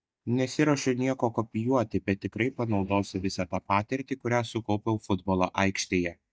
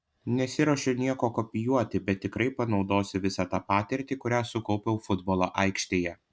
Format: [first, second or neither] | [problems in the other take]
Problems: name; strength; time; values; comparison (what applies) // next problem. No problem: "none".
second | noise reduction (neural mask model DeepFilterNet 3)